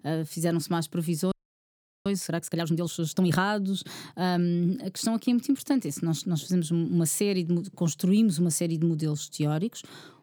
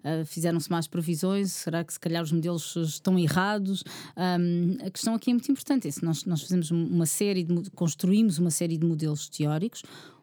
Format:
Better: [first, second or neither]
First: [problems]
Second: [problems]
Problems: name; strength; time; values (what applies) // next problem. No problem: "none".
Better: second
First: audio freezing; at 1.5 s for 0.5 s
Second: none